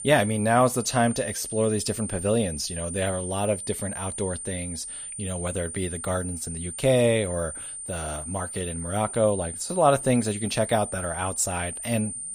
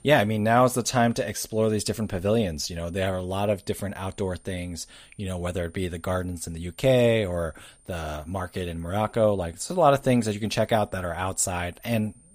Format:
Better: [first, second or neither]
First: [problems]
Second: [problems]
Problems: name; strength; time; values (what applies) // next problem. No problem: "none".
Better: second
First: high-pitched whine; loud; throughout; 9 kHz, 7 dB below the speech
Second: high-pitched whine; faint; throughout; 9 kHz, 30 dB below the speech